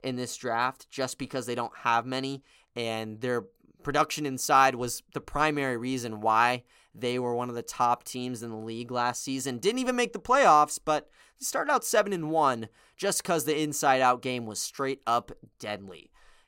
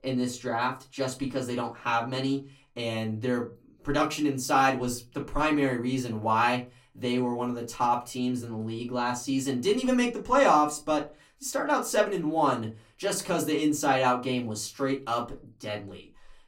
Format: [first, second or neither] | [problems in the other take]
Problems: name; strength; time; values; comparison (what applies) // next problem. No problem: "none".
first | off-mic speech; far // room echo; very slight; dies away in 0.2 s